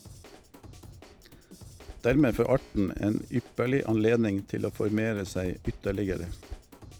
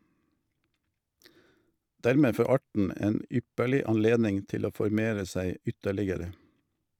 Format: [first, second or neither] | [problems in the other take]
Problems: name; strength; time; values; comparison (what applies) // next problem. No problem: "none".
second | background sound (Tap + Drum / Drum kit); 15 dB below the speech